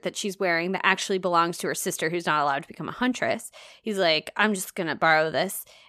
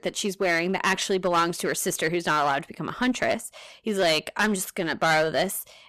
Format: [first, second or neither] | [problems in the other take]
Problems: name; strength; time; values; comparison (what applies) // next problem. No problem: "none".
first | distortion; slight; 7% of the sound clipped